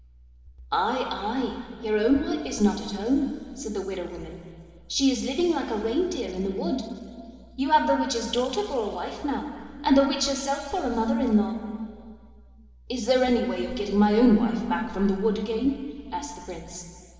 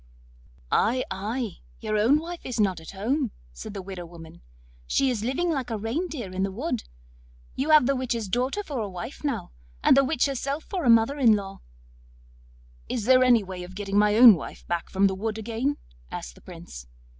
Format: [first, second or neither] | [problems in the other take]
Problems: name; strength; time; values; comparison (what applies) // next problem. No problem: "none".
second | room echo; dies away in 2.3 s